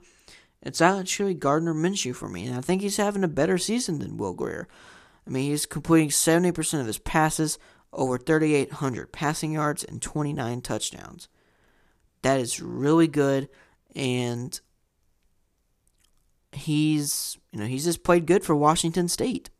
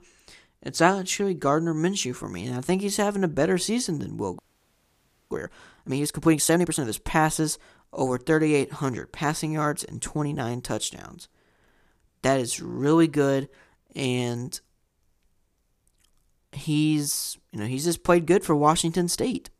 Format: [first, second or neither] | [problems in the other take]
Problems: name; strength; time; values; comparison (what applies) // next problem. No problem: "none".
first | audio freezing; at 4.5 s for 1 s